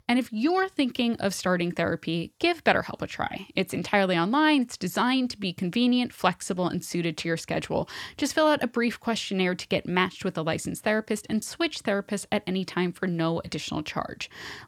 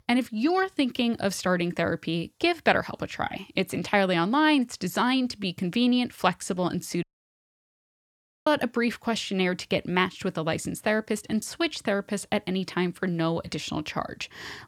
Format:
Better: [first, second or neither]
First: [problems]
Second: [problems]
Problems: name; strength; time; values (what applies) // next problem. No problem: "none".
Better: first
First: none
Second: audio cutting out; at 7 s for 1.5 s